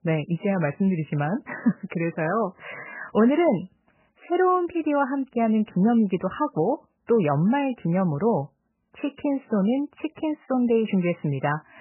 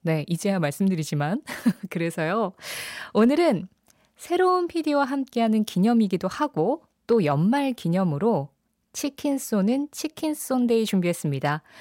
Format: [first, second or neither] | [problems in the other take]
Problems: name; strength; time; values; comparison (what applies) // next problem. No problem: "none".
second | garbled, watery; badly; nothing above 3 kHz